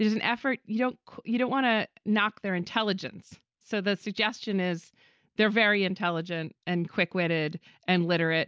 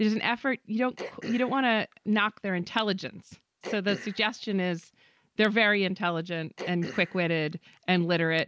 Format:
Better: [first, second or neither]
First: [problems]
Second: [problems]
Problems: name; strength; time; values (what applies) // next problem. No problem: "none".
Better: first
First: none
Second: background sound (Cough); 17 dB below the speech